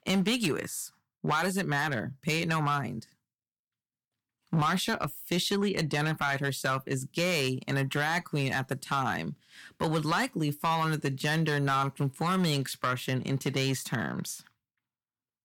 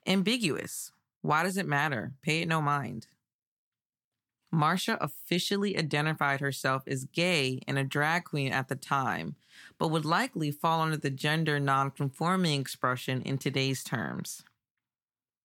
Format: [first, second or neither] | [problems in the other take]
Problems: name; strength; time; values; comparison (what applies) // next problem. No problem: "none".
second | distortion; slight; 4% of the sound clipped